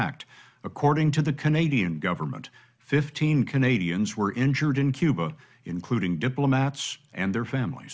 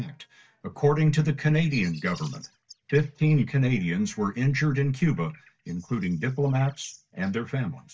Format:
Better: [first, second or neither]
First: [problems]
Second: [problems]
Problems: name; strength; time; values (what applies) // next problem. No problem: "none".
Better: first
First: none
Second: noise reduction (neural mask model DeepFilterNet 3)